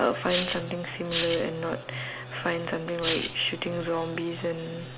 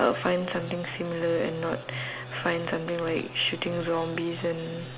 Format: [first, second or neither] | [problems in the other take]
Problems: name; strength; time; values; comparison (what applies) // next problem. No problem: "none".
second | background sound (Tambourine); 2 dB below the speech